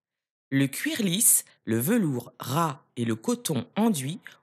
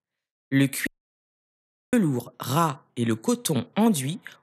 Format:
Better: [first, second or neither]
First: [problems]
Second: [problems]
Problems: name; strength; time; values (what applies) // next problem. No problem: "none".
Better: first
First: none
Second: audio cutting out; at 1 s for 1 s